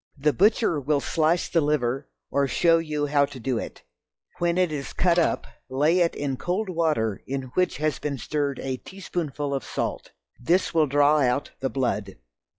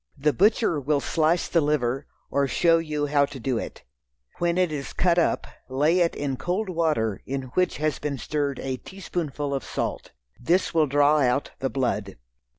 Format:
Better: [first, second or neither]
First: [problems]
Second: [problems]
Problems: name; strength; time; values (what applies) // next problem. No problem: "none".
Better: second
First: noise reduction (classical method log-MMSE)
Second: none